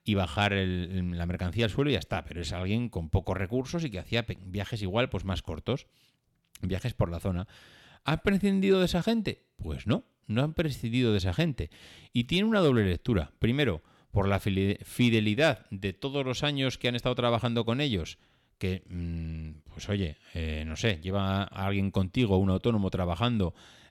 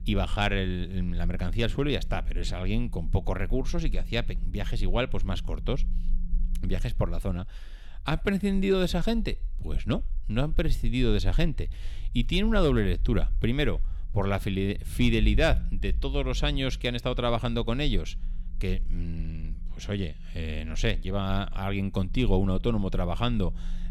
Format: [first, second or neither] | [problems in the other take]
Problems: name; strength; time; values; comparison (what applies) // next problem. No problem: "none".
first | low rumble; faint; throughout; 25 dB below the speech